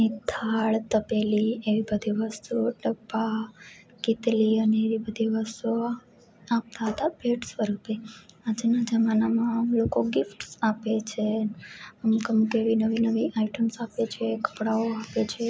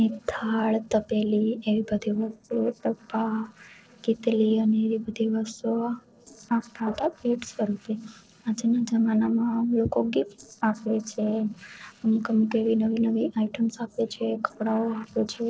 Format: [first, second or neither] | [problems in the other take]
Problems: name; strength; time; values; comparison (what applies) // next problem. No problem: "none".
first | noise reduction (neural separator model SepFormer DNS4)